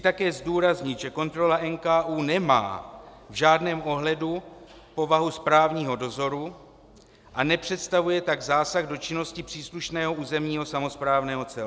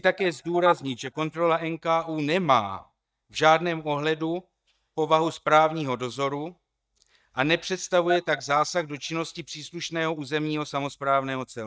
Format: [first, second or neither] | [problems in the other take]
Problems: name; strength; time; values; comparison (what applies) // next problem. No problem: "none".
first | noise reduction (neural mask model DeepFilterNet 3)